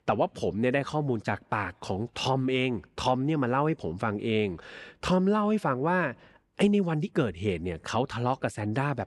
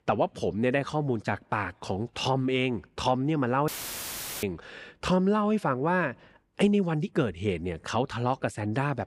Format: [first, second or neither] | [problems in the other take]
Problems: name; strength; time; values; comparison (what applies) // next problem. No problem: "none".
first | audio cutting out; filled with static; at 3.5 s for 0.5 s